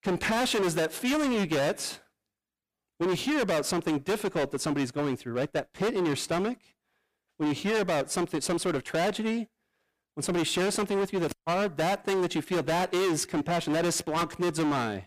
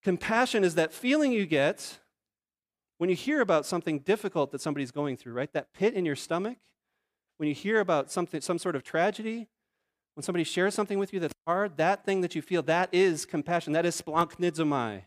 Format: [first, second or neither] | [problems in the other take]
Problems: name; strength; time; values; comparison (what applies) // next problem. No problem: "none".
second | distortion; heavy; 25% of the sound clipped